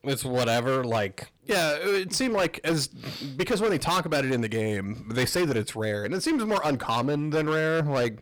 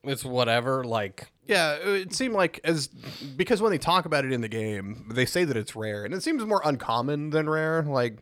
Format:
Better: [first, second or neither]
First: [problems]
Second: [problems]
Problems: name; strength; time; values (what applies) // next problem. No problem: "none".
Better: second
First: distortion; heavy; 15% of the sound clipped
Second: none